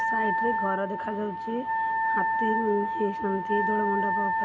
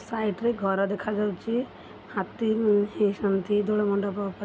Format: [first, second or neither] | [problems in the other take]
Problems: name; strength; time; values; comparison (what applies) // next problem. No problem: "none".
second | background sound (Wind instrument, woodwind instrument); 3 dB above the speech